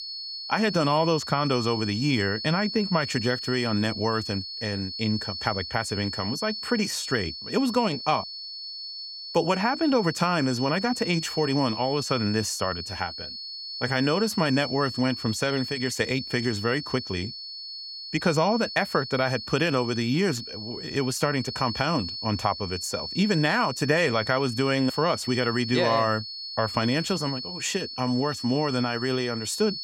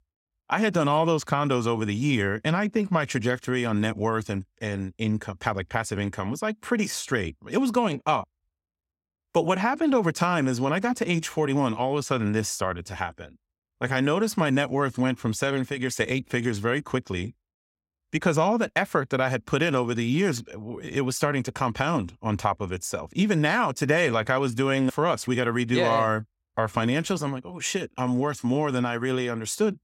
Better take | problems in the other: second | high-pitched whine; loud; throughout; 4.5 kHz, 7 dB below the speech

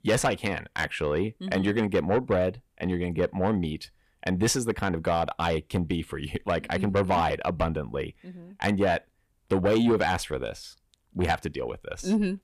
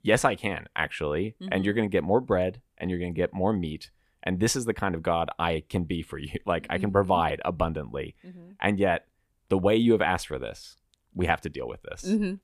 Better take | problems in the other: second | distortion; slight; 10 dB below the speech

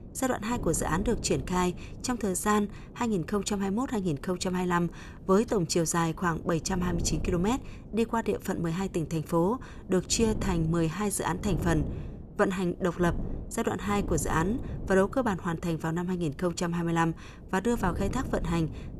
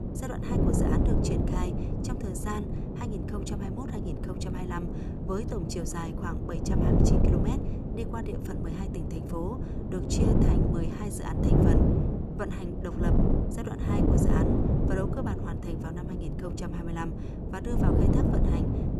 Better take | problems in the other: first | wind noise on the microphone; heavy; 4 dB above the speech; occasional gusts in the first

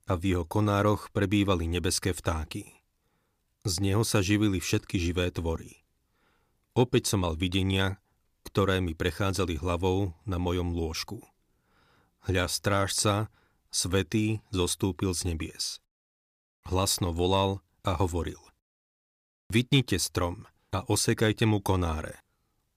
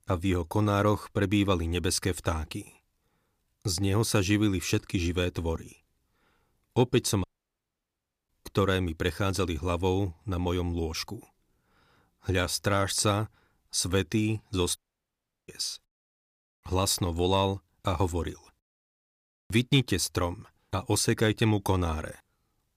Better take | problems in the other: first | audio cutting out; at 7 s for 1 s and at 15 s for 0.5 s

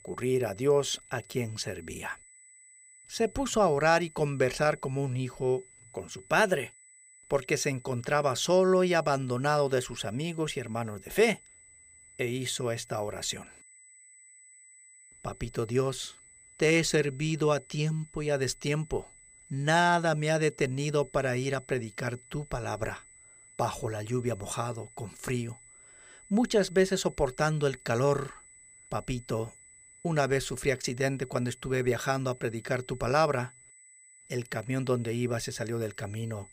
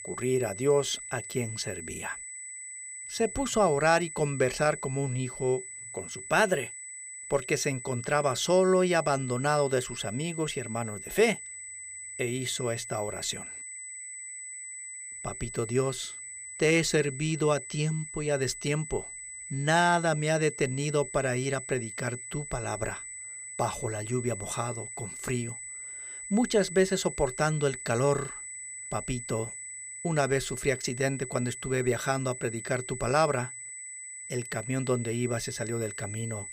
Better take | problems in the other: first | high-pitched whine; loud; throughout; 8 kHz, 10 dB below the speech; faint in the first

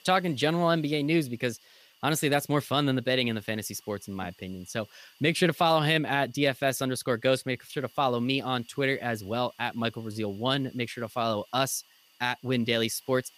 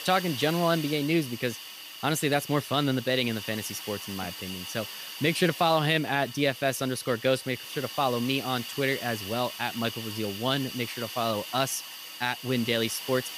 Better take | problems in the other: first | hiss; loud; throughout; 9 dB below the speech; faint in the first

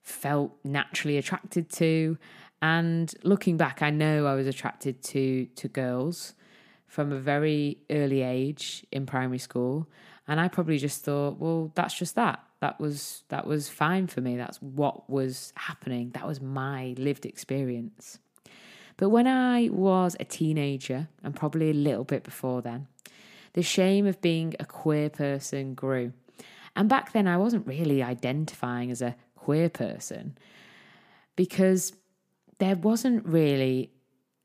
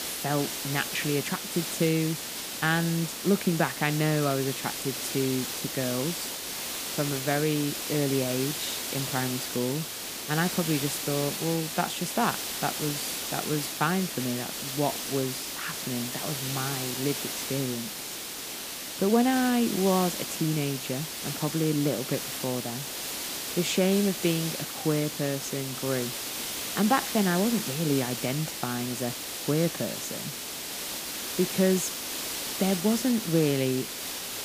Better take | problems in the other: first | hiss; loud; throughout; 3 dB below the speech

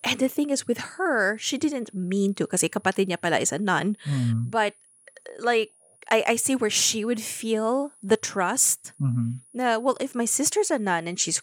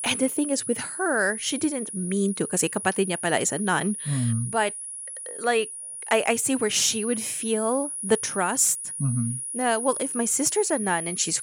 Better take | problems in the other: first | high-pitched whine; loud; throughout; 10.5 kHz, 6 dB below the speech; faint in the first

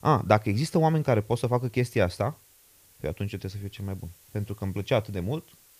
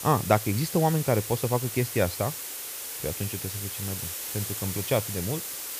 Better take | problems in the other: first | hiss; loud; throughout; 4 dB below the speech; faint in the first

